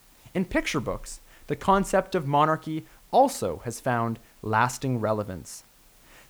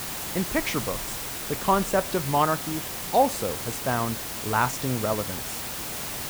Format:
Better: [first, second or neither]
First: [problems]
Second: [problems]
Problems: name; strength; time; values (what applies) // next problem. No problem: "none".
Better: first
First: hiss; faint; throughout; 30 dB below the speech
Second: hiss; loud; throughout; 4 dB below the speech